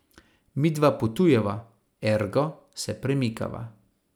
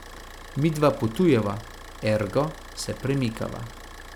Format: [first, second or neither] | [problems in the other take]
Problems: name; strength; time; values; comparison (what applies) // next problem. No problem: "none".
first | background sound (Idling / Car); 15 dB below the speech